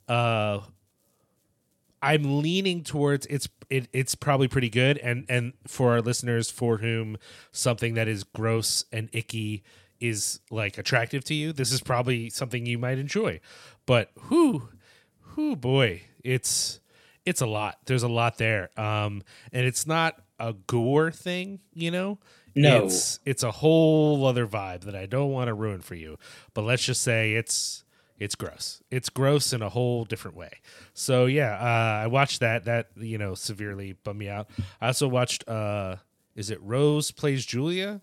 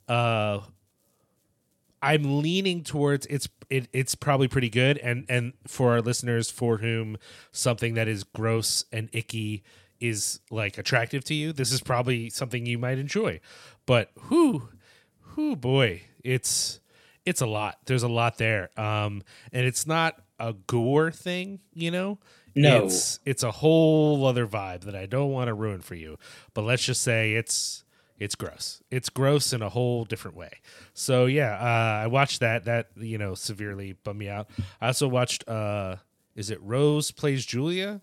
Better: neither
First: none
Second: none

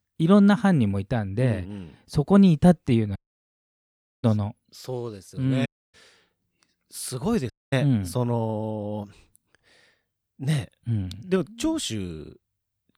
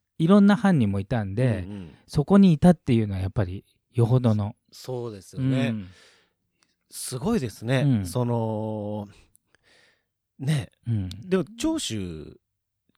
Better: second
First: audio cutting out; at 3 s for 1 s, at 5.5 s and at 7.5 s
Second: none

